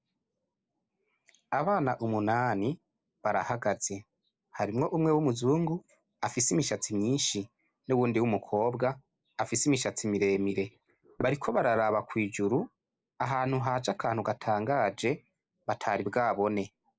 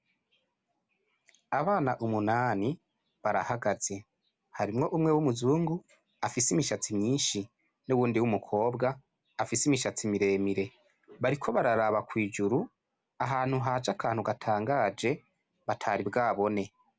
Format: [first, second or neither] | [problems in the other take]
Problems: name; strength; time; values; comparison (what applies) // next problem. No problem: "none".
second | noise reduction (neural mask model Resemble Enhance denoiser)